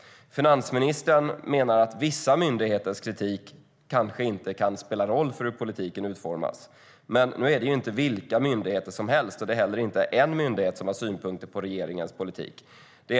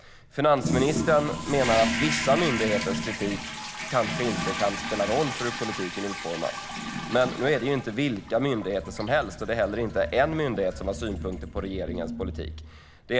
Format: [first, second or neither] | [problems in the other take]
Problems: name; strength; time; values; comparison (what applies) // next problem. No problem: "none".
first | background sound (Toilet flush); 6 dB below the speech